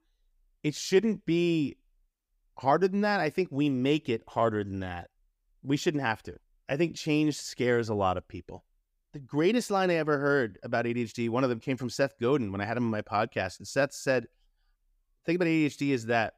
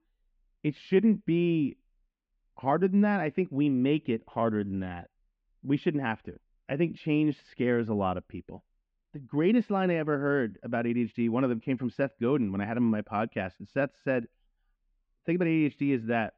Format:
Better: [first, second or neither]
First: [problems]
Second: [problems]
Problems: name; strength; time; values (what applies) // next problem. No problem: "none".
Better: first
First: none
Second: muffled; very; fading above 3 kHz